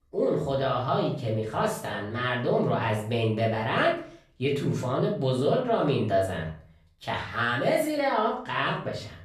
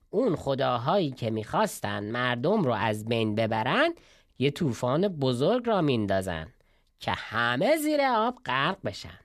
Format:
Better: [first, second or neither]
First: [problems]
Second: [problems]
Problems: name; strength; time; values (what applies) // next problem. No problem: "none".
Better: second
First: off-mic speech; far // room echo; slight; dies away in 0.4 s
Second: none